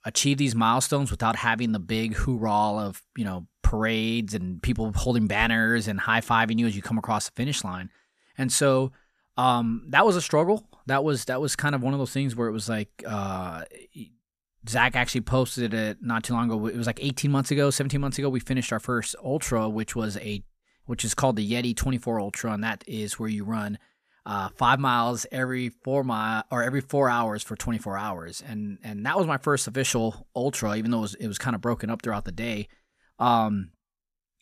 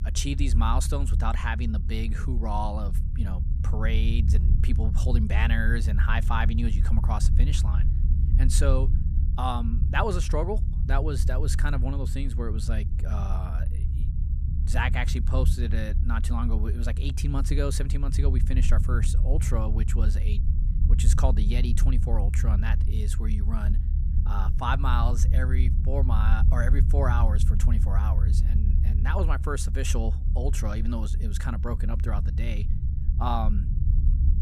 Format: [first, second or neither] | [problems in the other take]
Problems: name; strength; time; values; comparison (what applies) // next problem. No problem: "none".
first | low rumble; loud; throughout; 10 dB below the speech